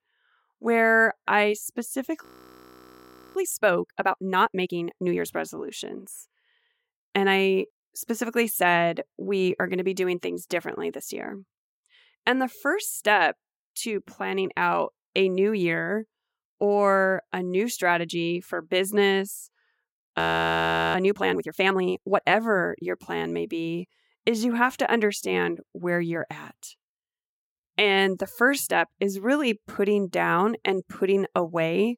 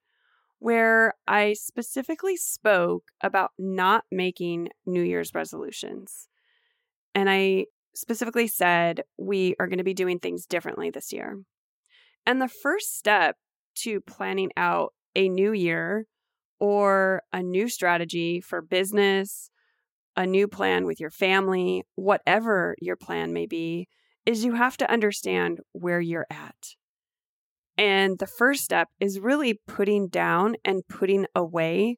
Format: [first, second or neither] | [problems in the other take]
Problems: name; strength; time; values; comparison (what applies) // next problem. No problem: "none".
second | audio freezing; at 2 s for 1 s and at 20 s for 1 s